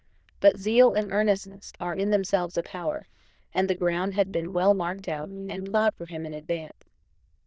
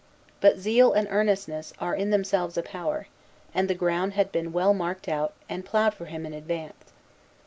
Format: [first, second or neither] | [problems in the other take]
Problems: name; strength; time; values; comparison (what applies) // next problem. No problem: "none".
second | noise reduction (neural diffusion model UNIVERSE++)